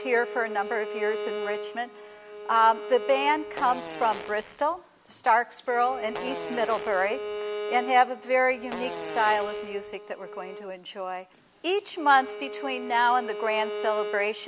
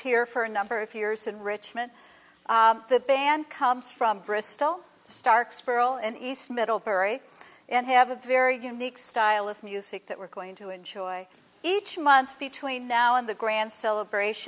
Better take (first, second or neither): second